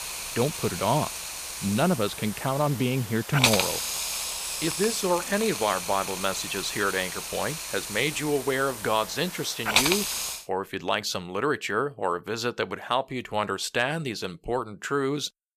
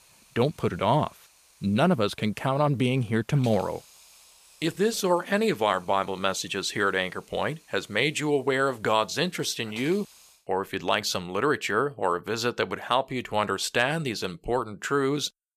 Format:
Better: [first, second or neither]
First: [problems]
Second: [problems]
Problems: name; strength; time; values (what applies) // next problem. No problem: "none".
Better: second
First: hiss; loud; until 10 s; 2 dB below the speech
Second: hiss; faint; until 10 s; 25 dB below the speech